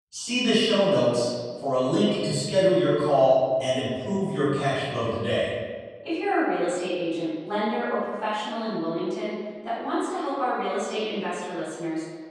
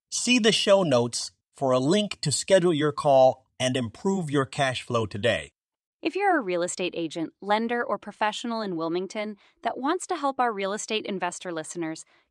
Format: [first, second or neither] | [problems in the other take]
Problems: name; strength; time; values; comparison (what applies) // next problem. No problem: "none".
second | off-mic speech; far // room echo; strong; dies away in 1.4 s